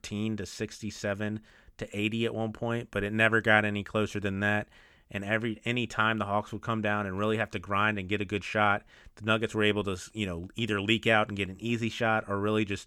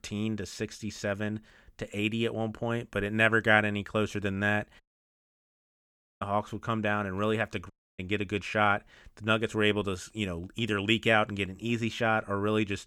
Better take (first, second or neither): first